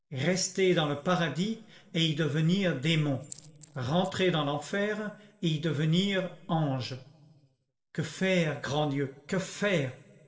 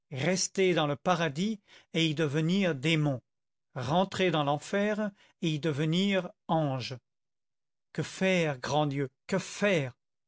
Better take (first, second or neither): second